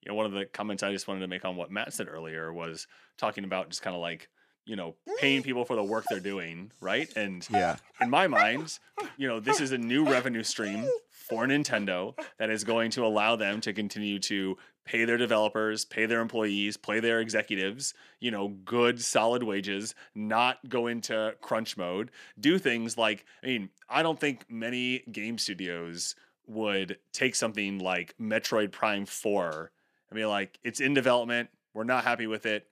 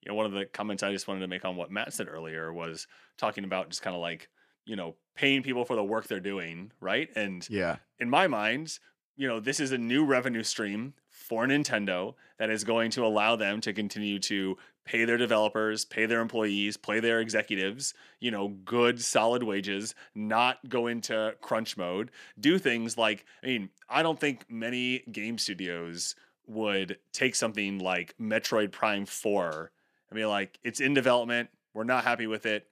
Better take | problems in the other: second | dog barking; loud; from 5 to 12 s; peak 4 dB above the speech

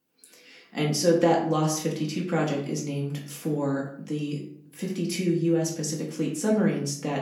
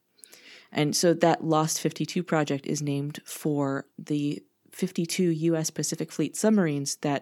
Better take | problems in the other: second | off-mic speech; far // room echo; slight; dies away in 0.5 s

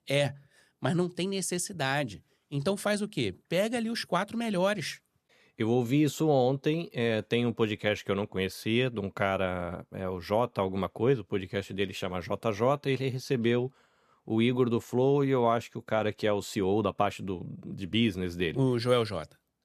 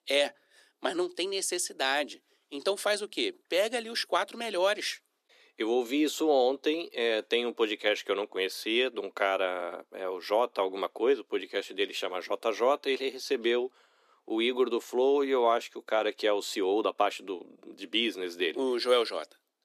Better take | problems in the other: first | thin; somewhat; fading below 300 Hz

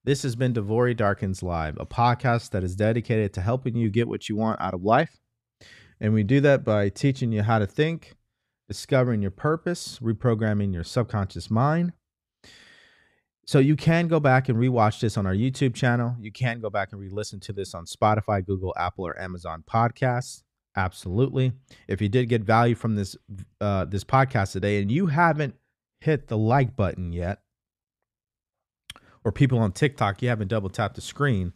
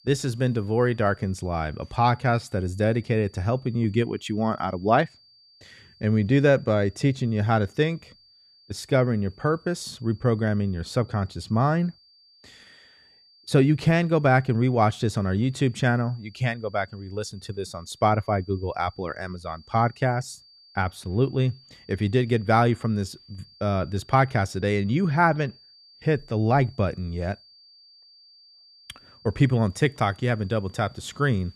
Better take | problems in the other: first | high-pitched whine; faint; throughout; 4.5 kHz, 30 dB below the speech

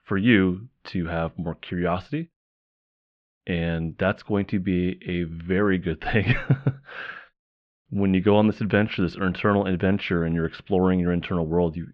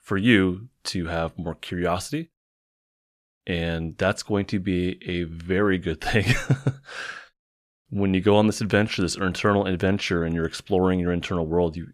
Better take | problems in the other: second | muffled; very; fading above 3 kHz

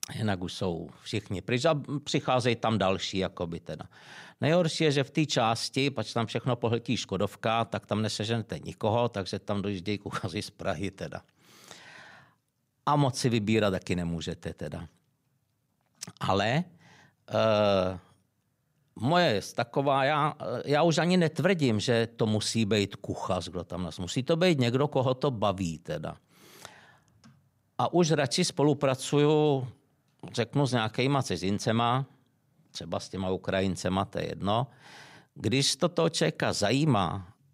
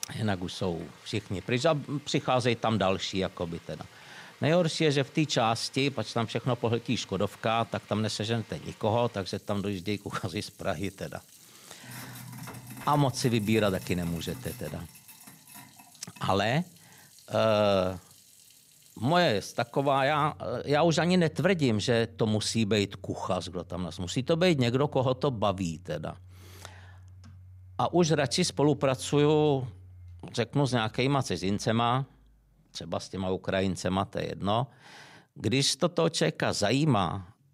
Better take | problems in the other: first | household noises; faint; throughout; 20 dB below the speech

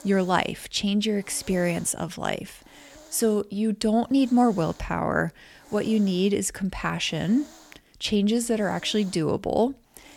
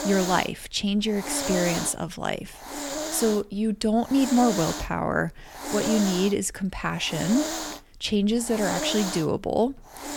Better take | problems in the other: first | hiss; loud; throughout; 6 dB below the speech; faint in the first

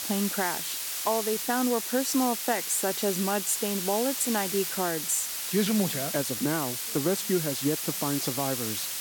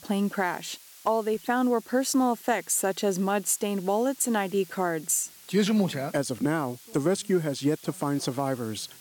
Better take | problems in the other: second | hiss; loud; throughout; 1 dB below the speech; faint in the second

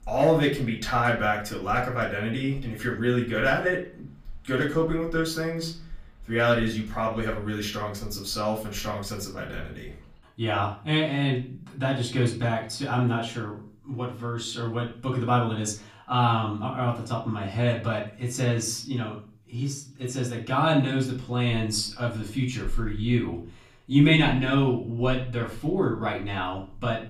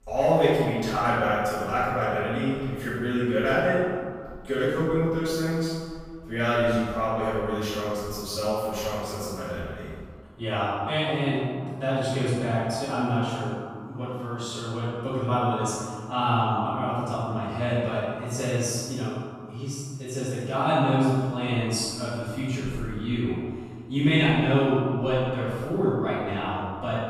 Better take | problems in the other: first | room echo; strong; dies away in 1.8 s; slight in the first // off-mic speech; far; far in the first

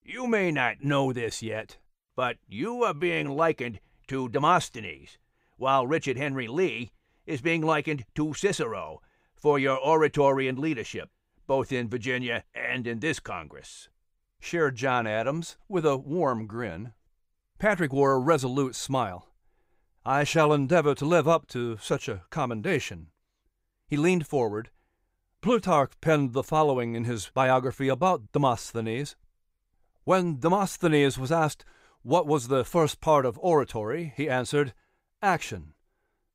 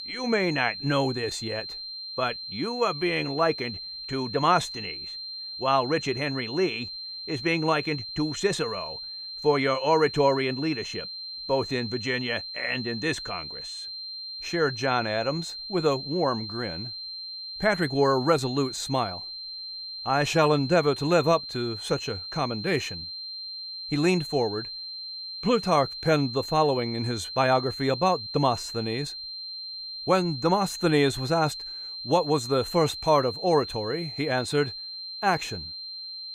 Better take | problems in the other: first | high-pitched whine; loud; throughout; 4 kHz, 8 dB below the speech

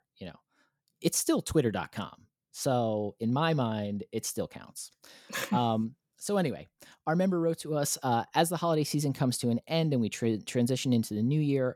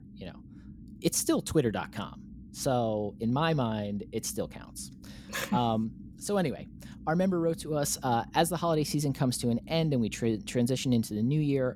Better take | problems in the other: first | low rumble; faint; throughout; 25 dB below the speech

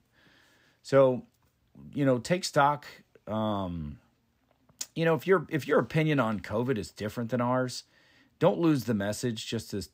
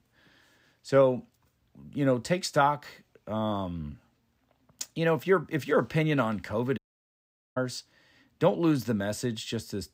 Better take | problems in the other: first | audio cutting out; at 7 s for 1 s

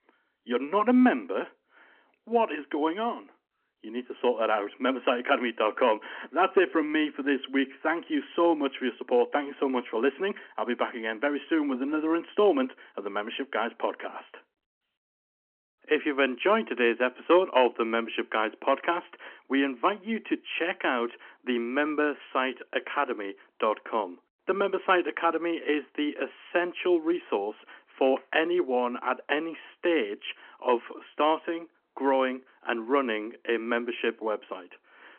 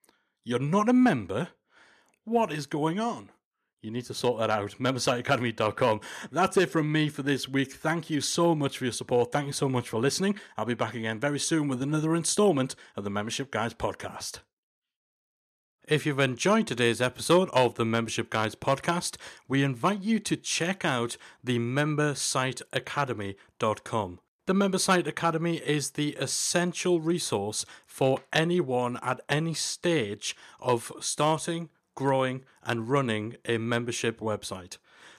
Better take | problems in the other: second | phone-call audio; nothing above 3 kHz

